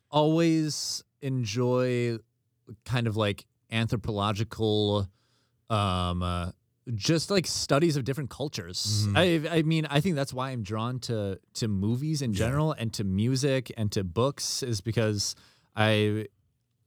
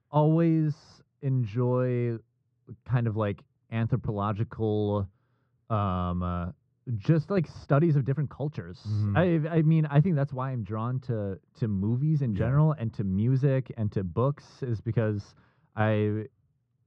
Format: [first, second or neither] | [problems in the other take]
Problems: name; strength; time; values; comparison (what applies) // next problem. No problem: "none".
first | muffled; very; fading above 1.5 kHz